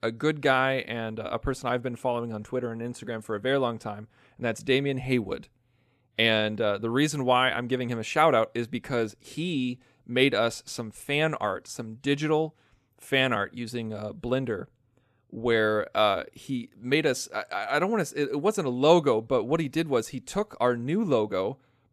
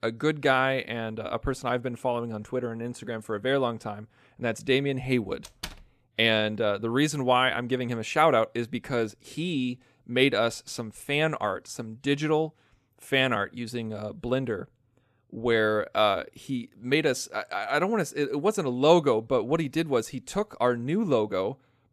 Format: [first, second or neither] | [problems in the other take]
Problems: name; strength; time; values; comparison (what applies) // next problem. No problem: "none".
first | door banging; faint; at 5.5 s; peak 15 dB below the speech